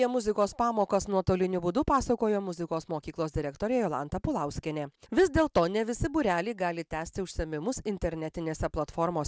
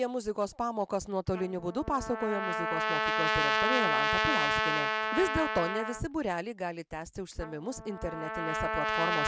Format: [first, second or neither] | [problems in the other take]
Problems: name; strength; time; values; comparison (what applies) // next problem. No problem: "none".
first | background sound (Trumpet); 1 dB above the speech